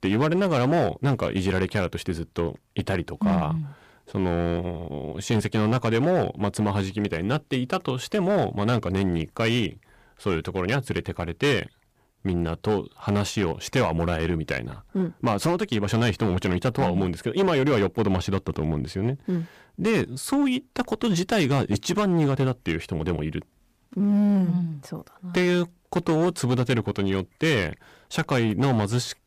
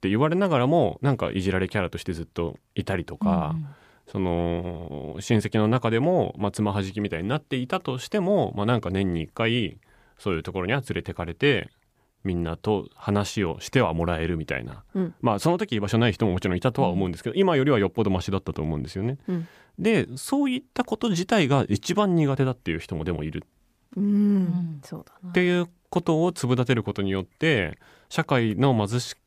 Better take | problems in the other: second | distortion; slight; 8% of the sound clipped

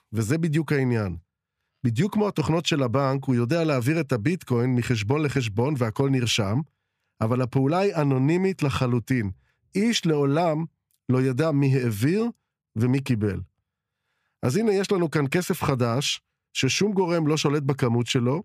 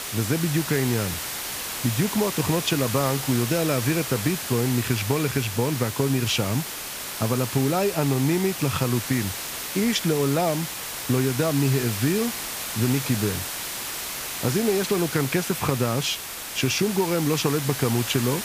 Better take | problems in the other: first | hiss; loud; throughout; 5 dB below the speech

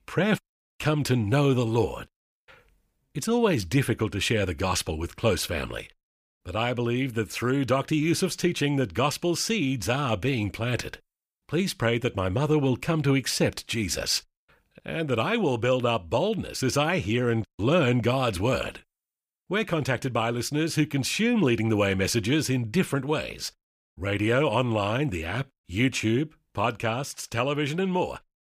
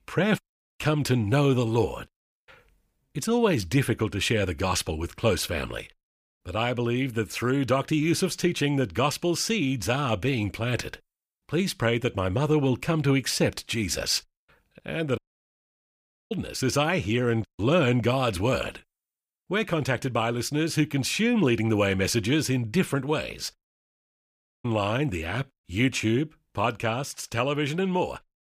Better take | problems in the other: first | audio cutting out; at 15 s for 1 s and at 24 s for 1 s

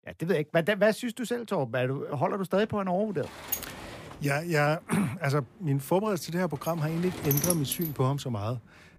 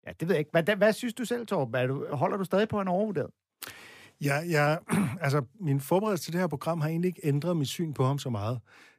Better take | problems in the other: second | door banging; loud; from 3.5 to 8 s; peak 1 dB above the speech

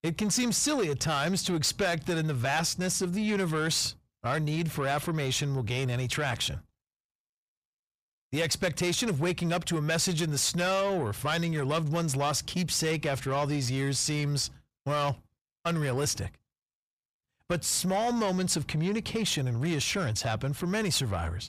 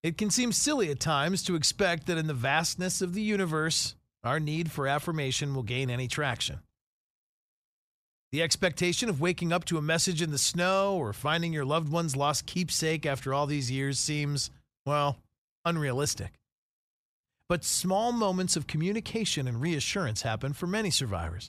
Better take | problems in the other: second | distortion; slight; 10 dB below the speech

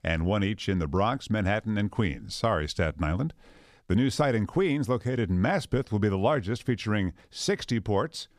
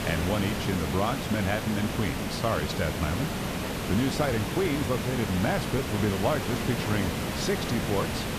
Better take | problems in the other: first | hiss; loud; throughout; 1 dB below the speech

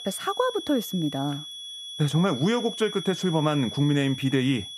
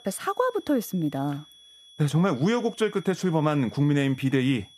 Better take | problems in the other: second | high-pitched whine; loud; throughout; 3.5 kHz, 10 dB below the speech; faint in the second

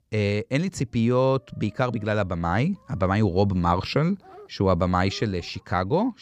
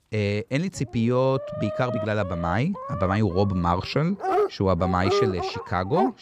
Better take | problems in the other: first | animal sounds; loud; throughout; 4 dB below the speech; faint in the first

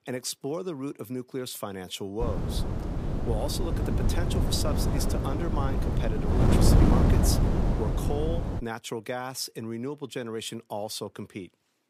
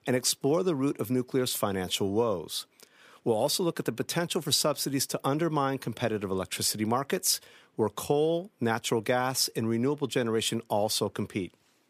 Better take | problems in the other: second | wind noise on the microphone; heavy; from 2 to 8.5 s; 1 dB above the speech

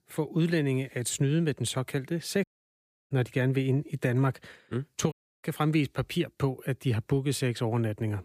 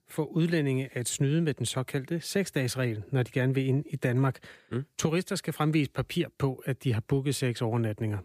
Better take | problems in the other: second | audio cutting out; at 2.5 s for 0.5 s and at 5 s

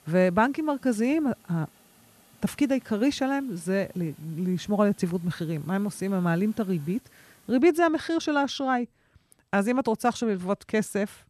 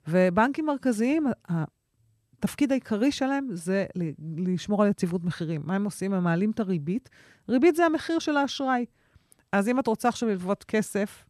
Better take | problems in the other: second | hiss; faint; until 7.5 s; 30 dB below the speech

